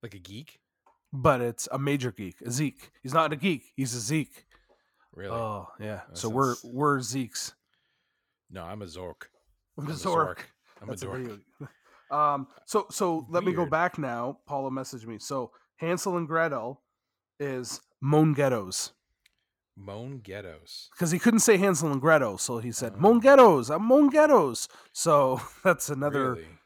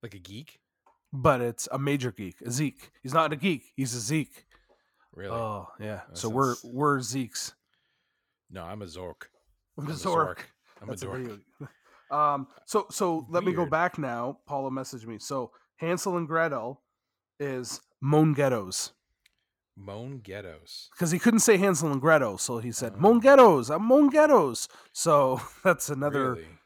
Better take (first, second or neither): neither